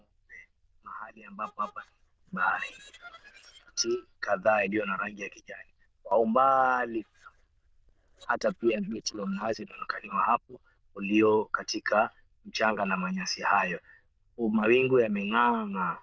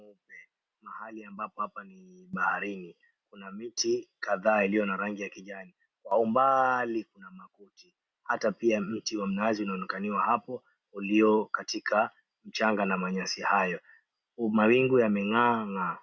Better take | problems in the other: second | noise reduction (neural diffusion model UNIVERSE++)

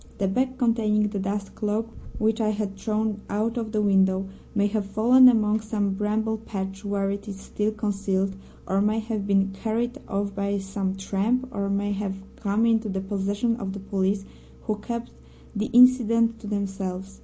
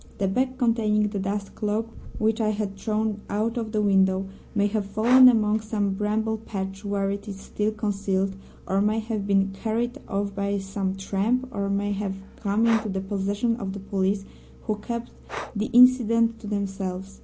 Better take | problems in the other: first | background sound (Breathing); 18 dB below the speech

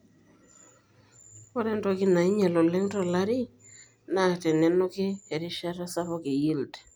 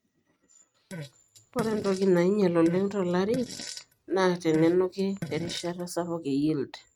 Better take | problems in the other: first | noise reduction (neural mask model RNNoise)

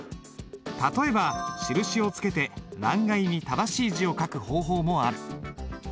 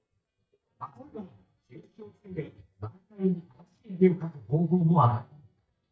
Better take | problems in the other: first | noise reduction (neural mask model DeepFilterNet 3)

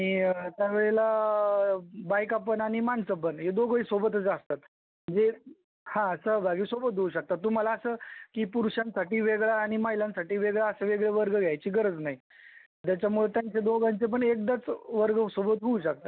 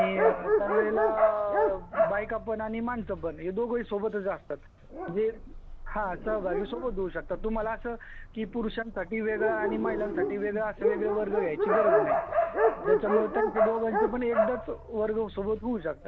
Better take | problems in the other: first | background sound (Dog); 1 dB above the speech

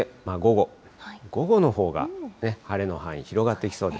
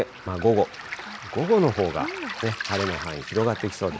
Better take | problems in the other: first | background sound (Waves, surf); 11 dB below the speech

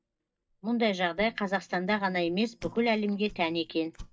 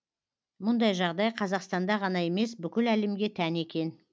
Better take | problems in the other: second | noise reduction (neural mask model DeepFilterNet 3)

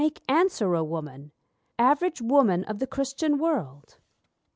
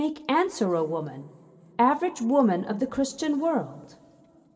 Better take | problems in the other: first | room echo; dies away in 2.1 s

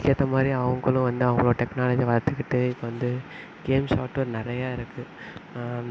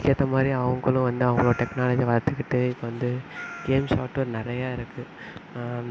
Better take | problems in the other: first | background sound (Meow); 18 dB below the speech

